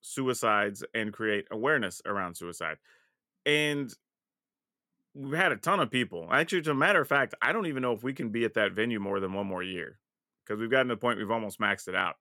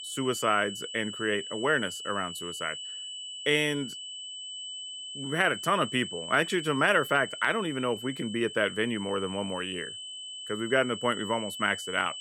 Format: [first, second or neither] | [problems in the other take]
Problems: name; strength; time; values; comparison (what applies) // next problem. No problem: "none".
first | high-pitched whine; loud; throughout; 3 kHz, 9 dB below the speech